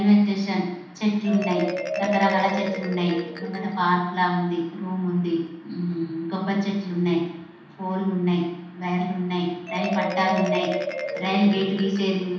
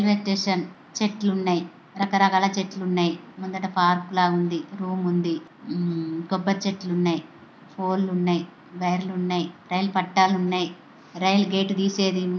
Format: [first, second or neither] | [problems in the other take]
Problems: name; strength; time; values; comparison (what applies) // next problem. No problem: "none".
second | background sound (Marimba, xylophone); 9 dB below the speech // room echo; dies away in 0.9 s